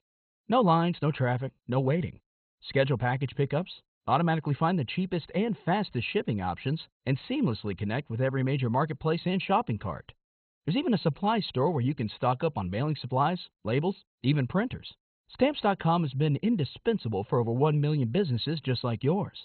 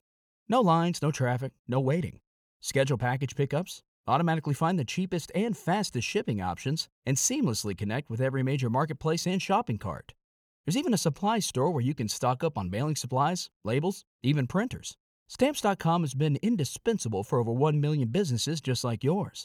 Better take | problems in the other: second | garbled, watery; badly; nothing above 4 kHz

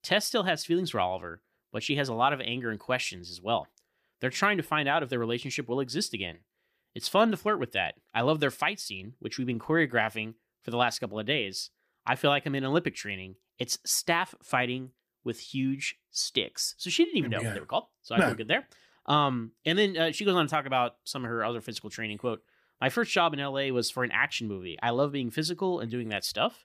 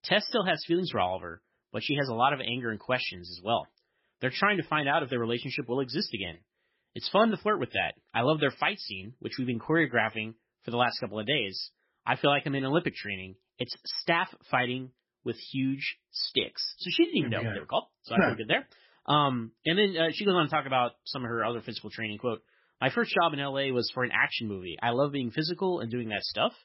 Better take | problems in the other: first | garbled, watery; badly; nothing above 5.5 kHz

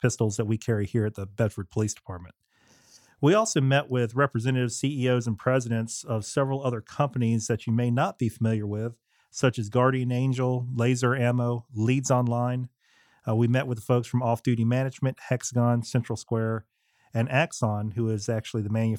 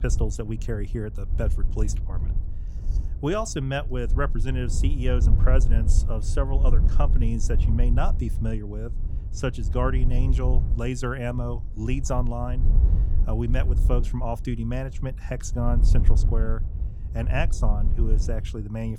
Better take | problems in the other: first | wind noise on the microphone; occasional gusts; 10 dB below the speech

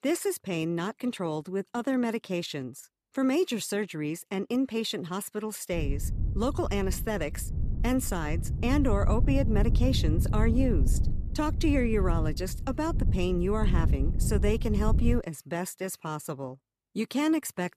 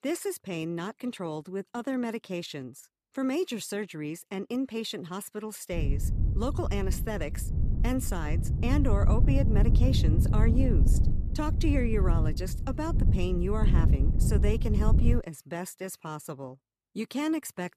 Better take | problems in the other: first | wind noise on the microphone; heavy; from 6 to 15 s; 6 dB below the speech; occasional gusts in the first

